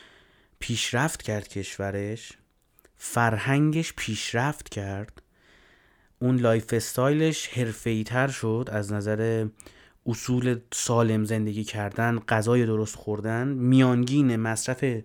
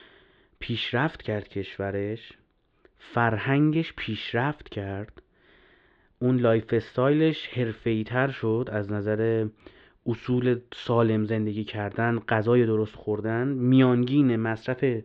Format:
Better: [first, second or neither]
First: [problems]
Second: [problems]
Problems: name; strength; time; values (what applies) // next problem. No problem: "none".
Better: first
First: none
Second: muffled; very; fading above 3.5 kHz